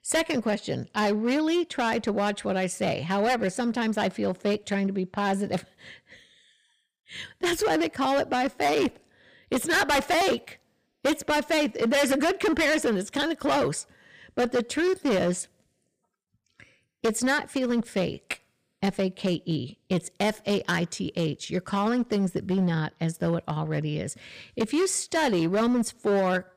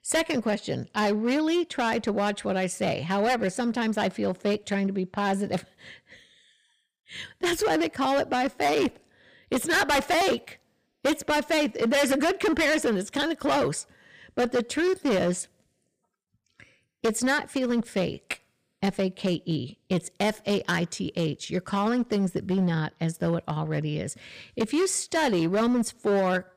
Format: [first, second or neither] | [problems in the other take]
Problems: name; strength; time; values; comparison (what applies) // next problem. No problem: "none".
neither | distortion; heavy; 11% of the sound clipped; the same in both